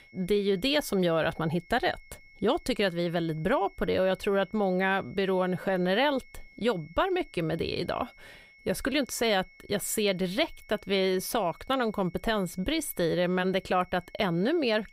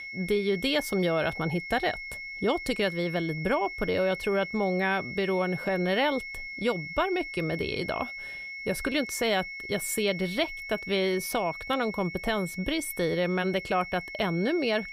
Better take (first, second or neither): first